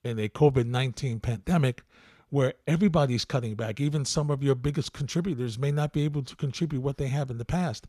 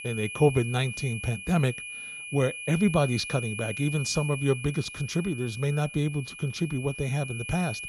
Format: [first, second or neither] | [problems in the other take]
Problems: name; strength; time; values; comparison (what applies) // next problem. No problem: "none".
first | high-pitched whine; loud; throughout; 2.5 kHz, 8 dB below the speech